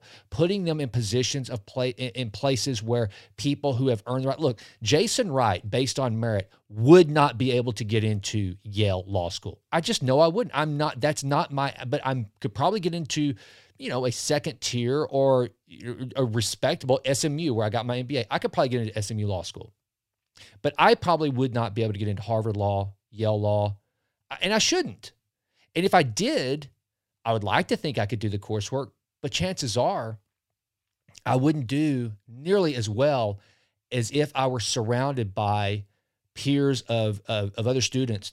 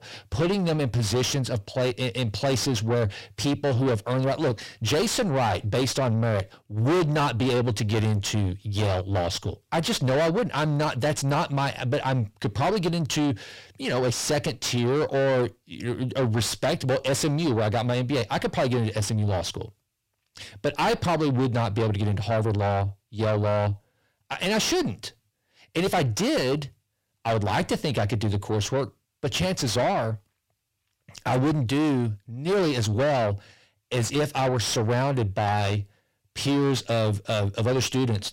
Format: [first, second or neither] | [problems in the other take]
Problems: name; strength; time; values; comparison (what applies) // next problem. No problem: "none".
first | distortion; heavy; 5 dB below the speech